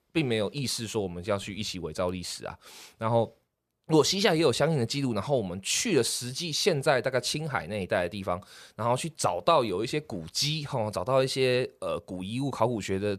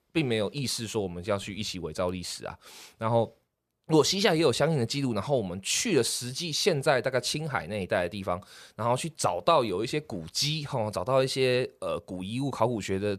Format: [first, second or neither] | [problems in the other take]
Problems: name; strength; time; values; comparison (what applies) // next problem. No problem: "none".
neither | none